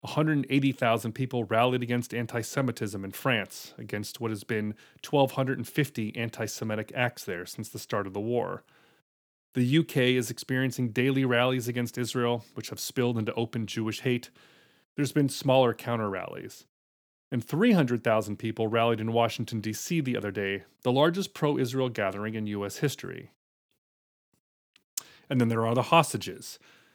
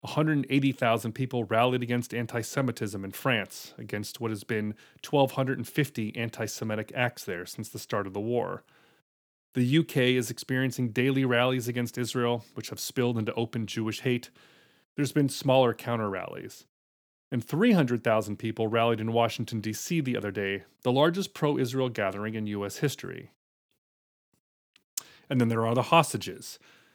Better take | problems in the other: neither | none

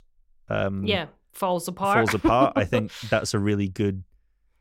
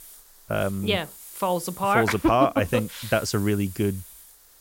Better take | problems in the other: first | hiss; noticeable; throughout; 15 dB below the speech

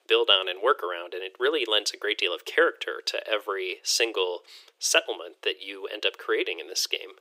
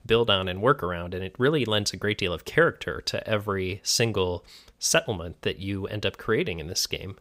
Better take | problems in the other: second | thin; very; fading below 350 Hz

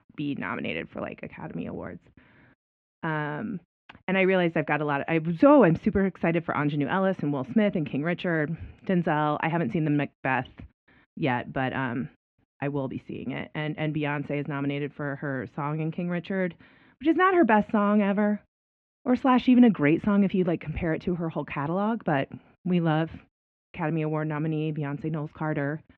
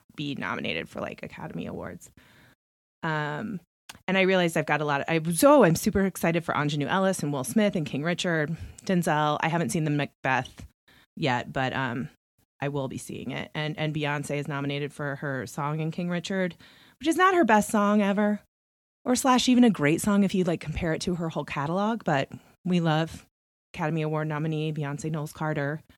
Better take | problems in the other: second | muffled; very; fading above 2.5 kHz

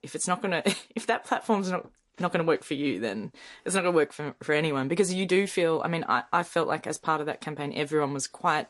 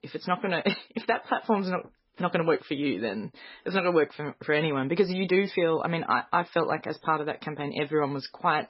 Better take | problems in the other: first | garbled, watery; badly; nothing above 5.5 kHz; slightly in the first

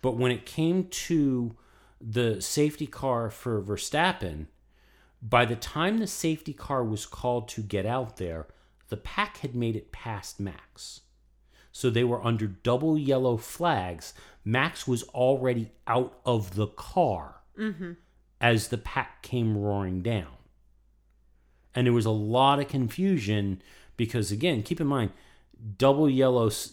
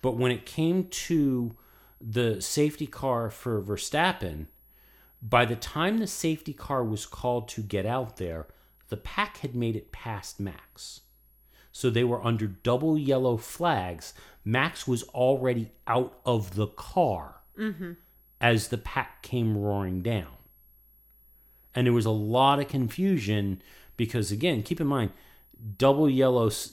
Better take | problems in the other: first | high-pitched whine; faint; throughout; 11.5 kHz, 30 dB below the speech

